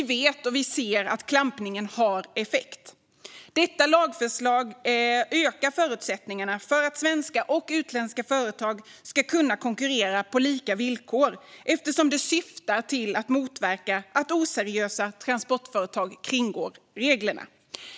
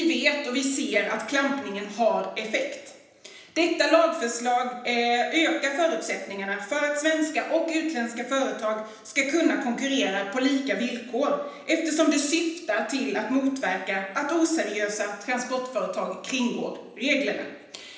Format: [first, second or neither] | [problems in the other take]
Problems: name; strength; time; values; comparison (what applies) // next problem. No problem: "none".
first | room echo; dies away in 0.9 s